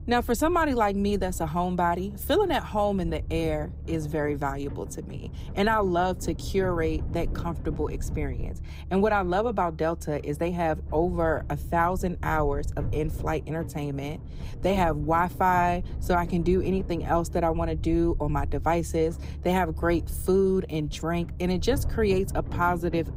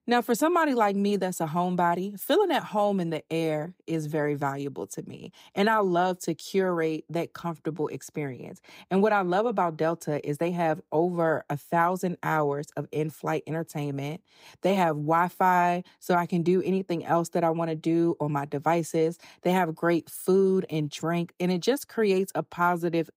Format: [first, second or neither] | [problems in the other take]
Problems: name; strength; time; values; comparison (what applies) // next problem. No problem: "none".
second | low rumble; faint; throughout; 20 dB below the speech